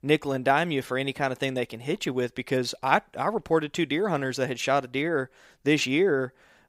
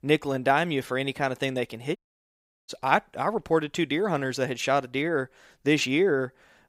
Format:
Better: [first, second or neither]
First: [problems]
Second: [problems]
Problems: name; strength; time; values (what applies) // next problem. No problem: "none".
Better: first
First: none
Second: audio cutting out; at 2 s for 0.5 s